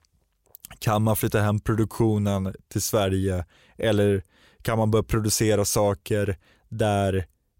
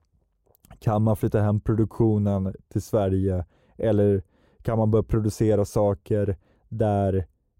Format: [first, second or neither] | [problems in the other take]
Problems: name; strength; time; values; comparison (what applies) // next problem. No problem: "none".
first | muffled; very; fading above 1.5 kHz